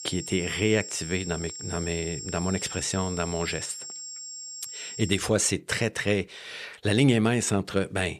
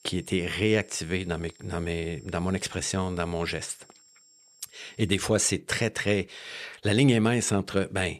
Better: second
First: high-pitched whine; loud; until 5 s; 7.5 kHz, 9 dB below the speech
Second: high-pitched whine; faint; until 5 s; 7.5 kHz, 30 dB below the speech

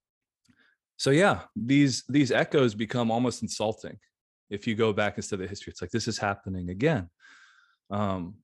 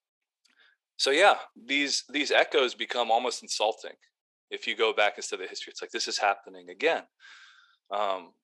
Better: first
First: none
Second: thin; very; fading below 400 Hz

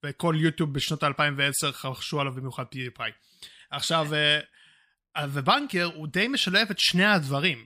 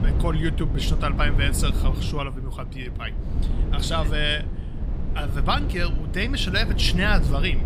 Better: first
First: none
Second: low rumble; noticeable; throughout; 10 dB below the speech

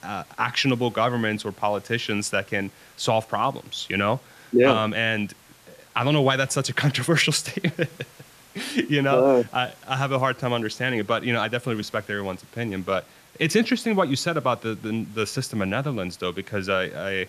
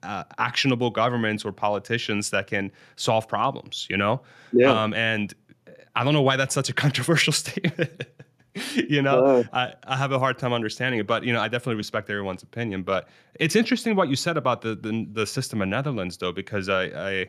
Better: second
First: hiss; faint; throughout; 25 dB below the speech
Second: none

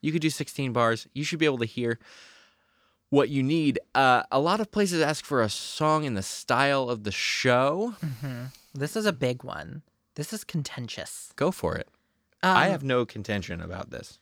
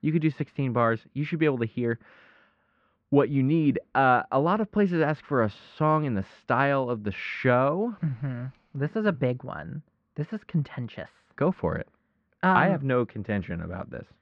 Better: first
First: none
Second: muffled; very; fading above 2 kHz

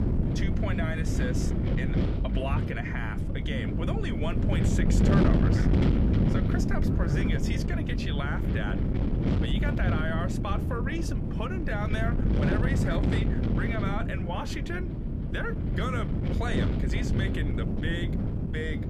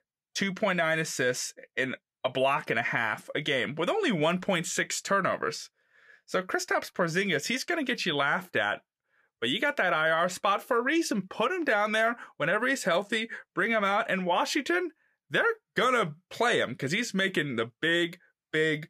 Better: second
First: wind noise on the microphone; heavy; as loud as the speech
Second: none

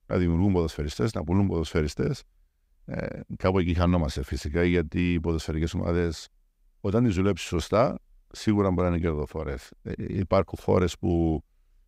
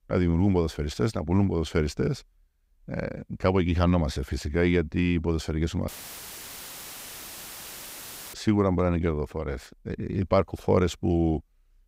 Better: first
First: none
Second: audio cutting out; filled with static; at 6 s for 2.5 s

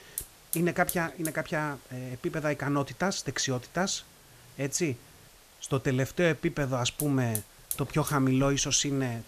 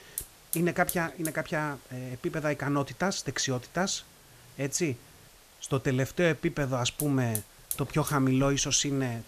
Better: neither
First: hiss; loud; throughout; 9 dB below the speech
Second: hiss; loud; throughout; 9 dB below the speech

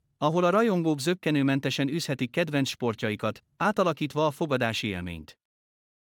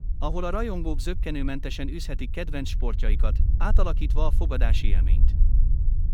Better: first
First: none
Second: low rumble; noticeable; throughout; 15 dB below the speech

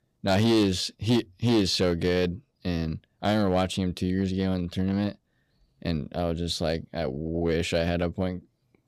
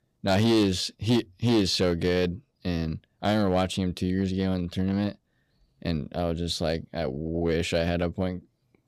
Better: neither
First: distortion; slight; 4% of the sound clipped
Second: distortion; slight; 4% of the sound clipped

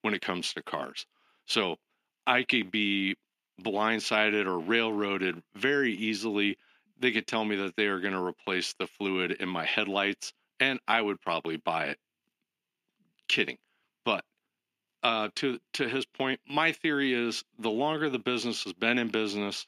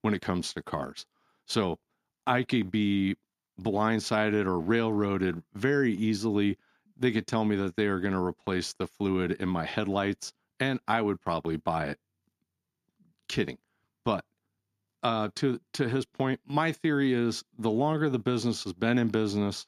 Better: second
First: thin; very slightly; fading below 250 Hz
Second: none

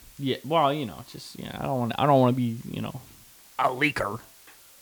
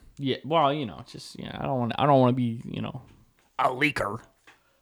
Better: second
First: hiss; faint; throughout; 25 dB below the speech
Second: none

